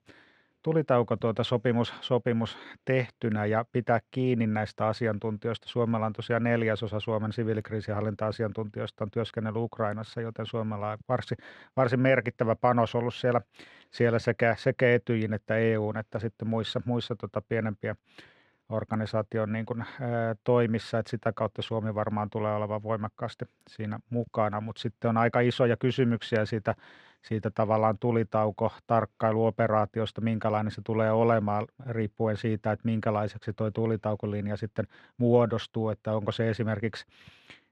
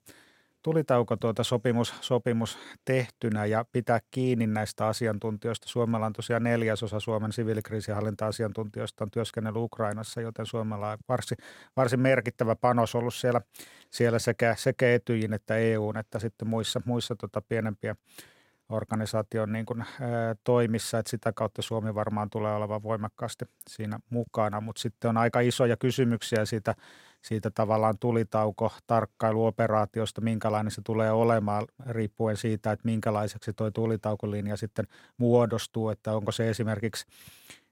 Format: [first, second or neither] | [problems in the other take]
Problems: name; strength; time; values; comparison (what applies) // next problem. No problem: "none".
second | muffled; slightly; fading above 3 kHz